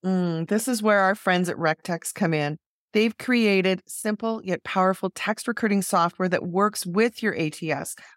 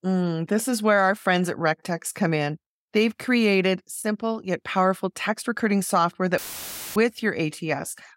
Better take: first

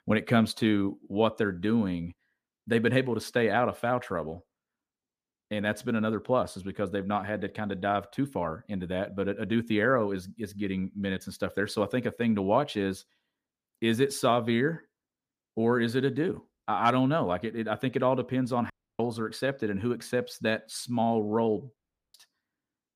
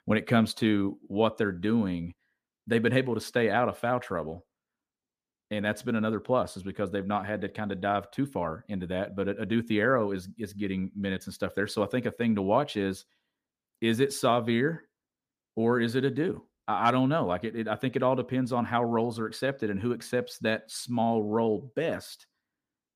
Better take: second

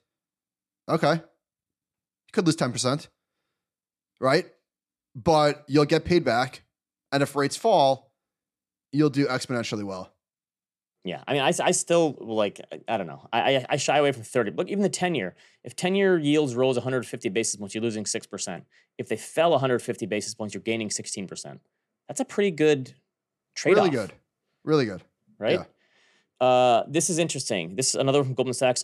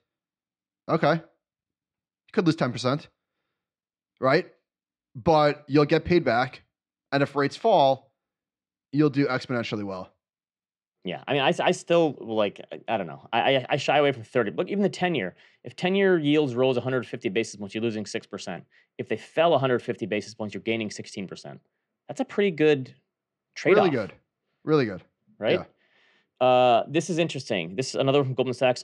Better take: first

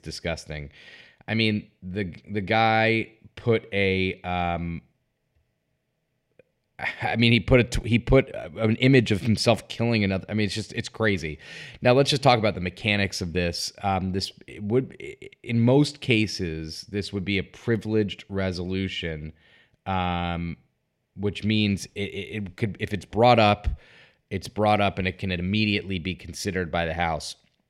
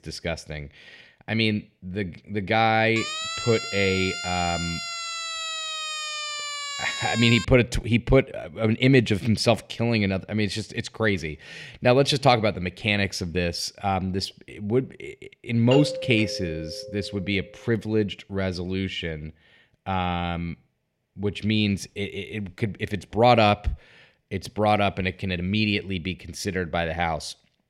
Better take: first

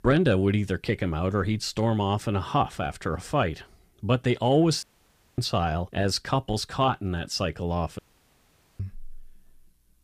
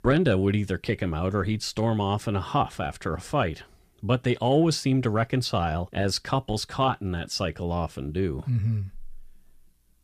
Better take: second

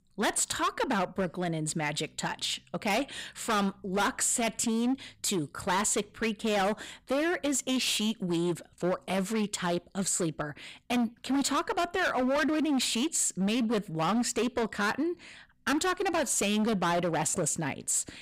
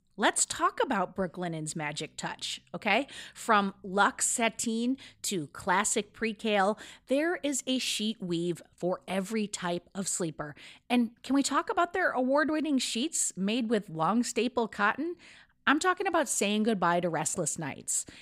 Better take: second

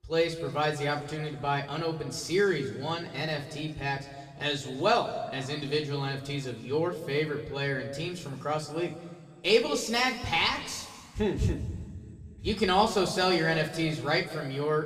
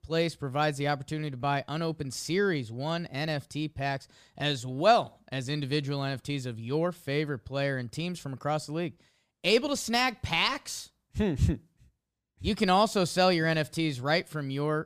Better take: second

